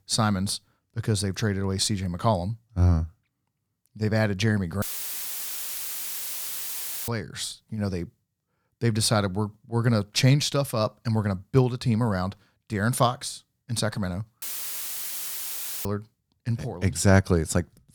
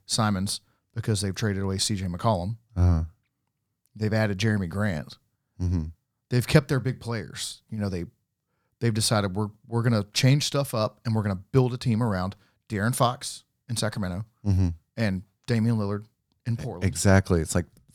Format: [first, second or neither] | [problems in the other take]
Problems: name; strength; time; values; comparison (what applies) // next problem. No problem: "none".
second | audio cutting out; filled with static; at 5 s for 2.5 s and at 14 s for 1.5 s